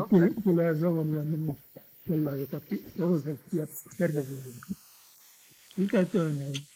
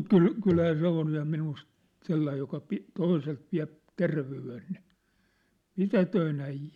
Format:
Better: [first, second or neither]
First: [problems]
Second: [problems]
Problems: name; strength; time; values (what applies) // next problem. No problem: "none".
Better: second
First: noise reduction (neural mask model Resemble Enhance denoiser)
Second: none